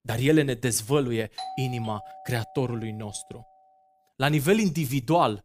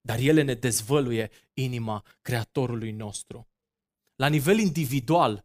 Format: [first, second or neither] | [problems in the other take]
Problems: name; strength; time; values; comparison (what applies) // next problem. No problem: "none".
second | doorbell; faint; from 1.5 to 3 s; peak 10 dB below the speech